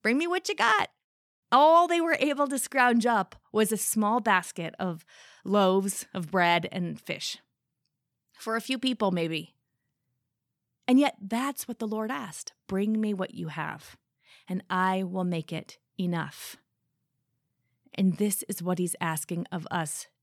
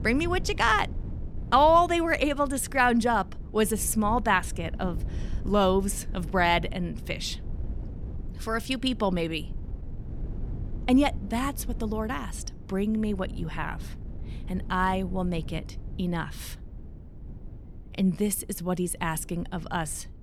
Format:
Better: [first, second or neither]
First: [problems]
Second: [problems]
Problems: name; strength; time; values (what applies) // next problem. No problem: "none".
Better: first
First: none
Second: wind noise on the microphone; occasional gusts; 25 dB below the speech